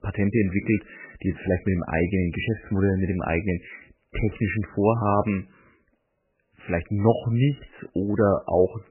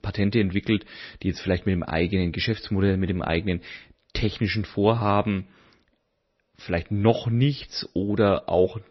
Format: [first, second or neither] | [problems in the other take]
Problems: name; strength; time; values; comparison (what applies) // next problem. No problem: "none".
second | garbled, watery; badly; nothing above 3 kHz; slightly in the second